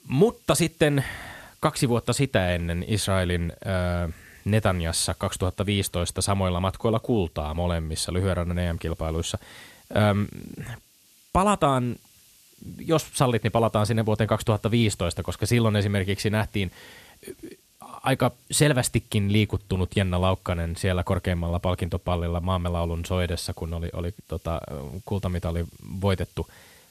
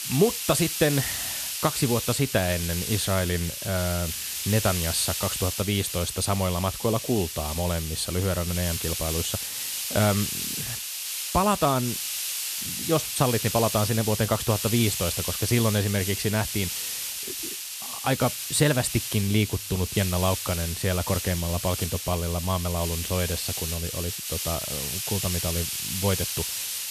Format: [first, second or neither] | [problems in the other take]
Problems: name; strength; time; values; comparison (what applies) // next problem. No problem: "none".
first | hiss; loud; throughout; 3 dB below the speech; faint in the first